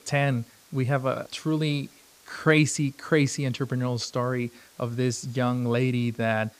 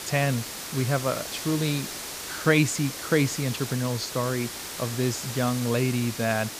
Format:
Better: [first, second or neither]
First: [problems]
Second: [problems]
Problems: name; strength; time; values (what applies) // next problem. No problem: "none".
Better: first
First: hiss; faint; throughout; 25 dB below the speech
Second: hiss; loud; throughout; 7 dB below the speech